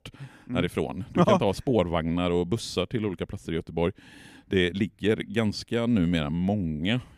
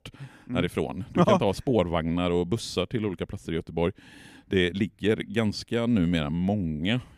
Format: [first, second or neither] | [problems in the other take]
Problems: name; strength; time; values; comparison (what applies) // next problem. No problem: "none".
neither | none